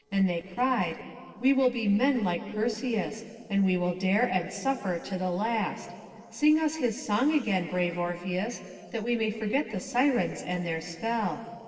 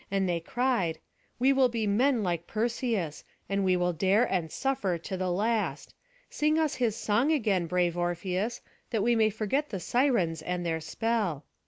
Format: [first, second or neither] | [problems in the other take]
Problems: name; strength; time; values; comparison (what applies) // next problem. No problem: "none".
second | noise reduction (neural separator model SepFormer DNS4)